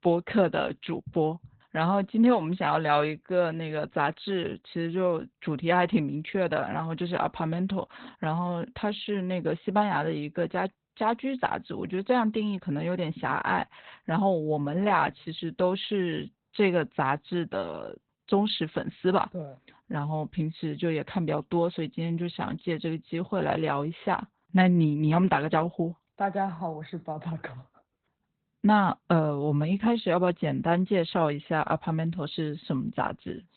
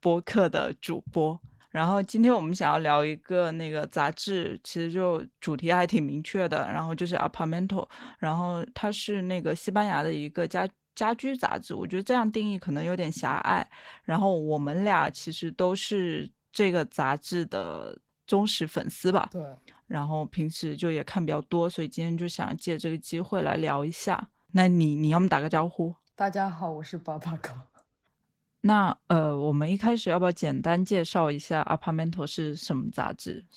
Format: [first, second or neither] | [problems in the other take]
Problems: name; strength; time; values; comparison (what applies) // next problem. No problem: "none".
second | garbled, watery; badly; nothing above 4 kHz; slightly in the second